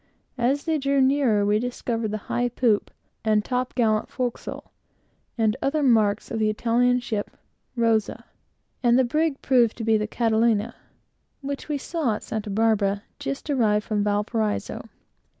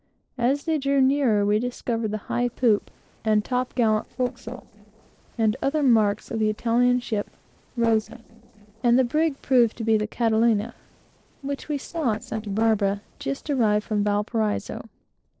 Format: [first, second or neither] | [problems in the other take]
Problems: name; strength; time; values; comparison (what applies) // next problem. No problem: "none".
first | noise reduction (neural separator model SepFormer DNS4)